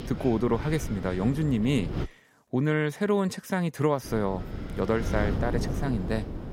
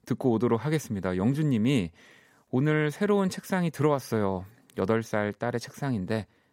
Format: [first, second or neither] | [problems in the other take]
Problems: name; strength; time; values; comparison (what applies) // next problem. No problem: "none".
second | wind noise on the microphone; occasional gusts; until 2 s and from 4 s on; 10 dB below the speech